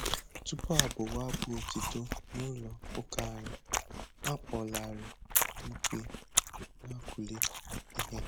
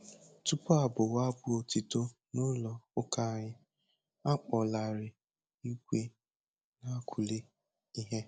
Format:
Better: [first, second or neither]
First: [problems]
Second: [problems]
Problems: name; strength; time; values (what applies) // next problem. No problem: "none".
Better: second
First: background sound (Chewing, mastication); 4 dB above the speech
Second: none